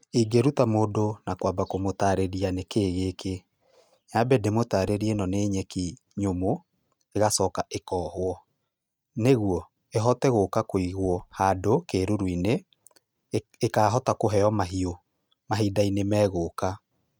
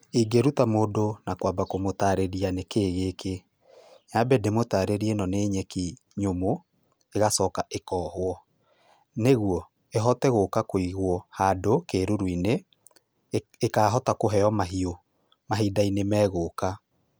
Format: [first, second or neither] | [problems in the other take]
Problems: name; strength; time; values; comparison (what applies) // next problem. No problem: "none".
second | noise reduction (neural mask model RNNoise)